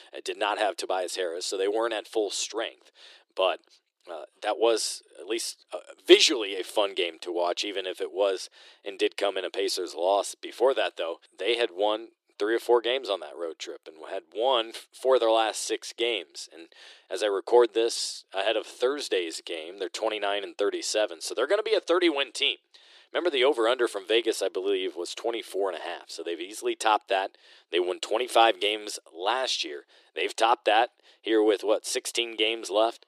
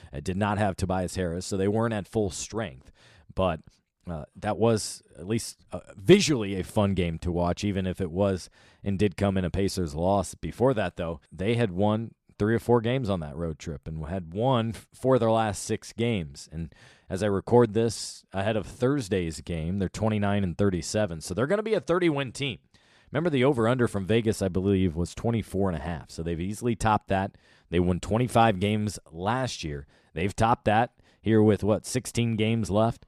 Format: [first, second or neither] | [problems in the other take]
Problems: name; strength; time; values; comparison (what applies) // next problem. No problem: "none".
second | thin; very; fading below 350 Hz